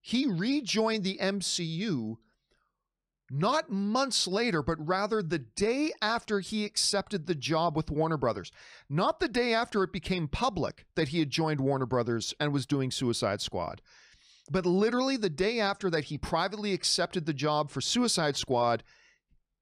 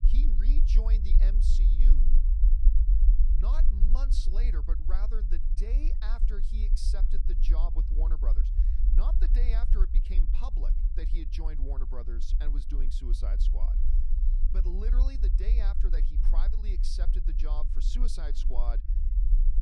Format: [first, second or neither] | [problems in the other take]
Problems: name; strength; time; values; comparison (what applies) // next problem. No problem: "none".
first | low rumble; loud; throughout; 5 dB below the speech